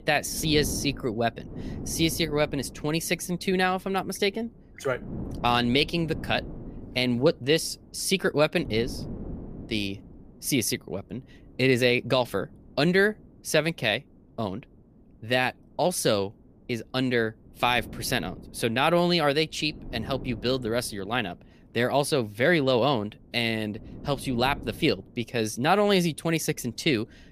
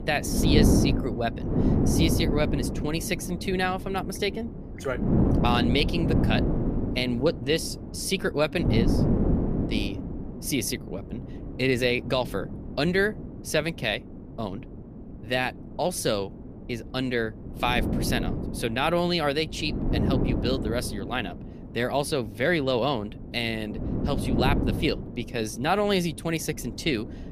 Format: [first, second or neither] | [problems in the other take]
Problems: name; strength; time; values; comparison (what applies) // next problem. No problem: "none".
first | wind noise on the microphone; heavy; 6 dB below the speech; occasional gusts in the first